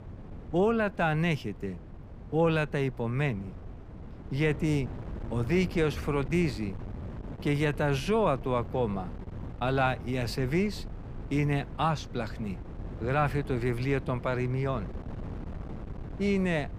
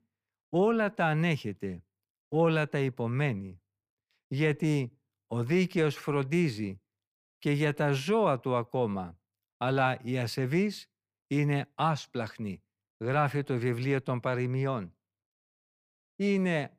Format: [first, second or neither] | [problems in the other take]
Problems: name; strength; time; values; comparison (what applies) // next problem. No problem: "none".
second | wind noise on the microphone; occasional gusts; 20 dB below the speech